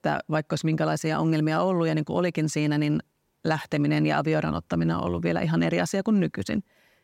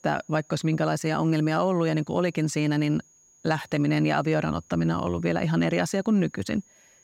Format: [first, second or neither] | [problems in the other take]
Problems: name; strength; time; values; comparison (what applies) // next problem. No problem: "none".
first | high-pitched whine; faint; throughout; 6.5 kHz, 30 dB below the speech